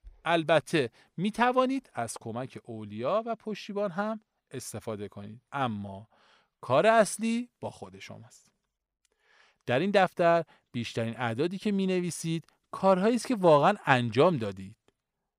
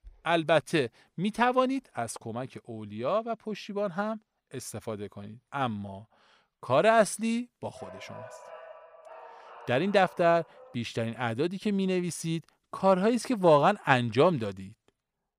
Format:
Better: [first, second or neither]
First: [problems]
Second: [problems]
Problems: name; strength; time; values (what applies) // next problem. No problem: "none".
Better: first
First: none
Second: dog barking; faint; from 7.5 to 11 s; peak 20 dB below the speech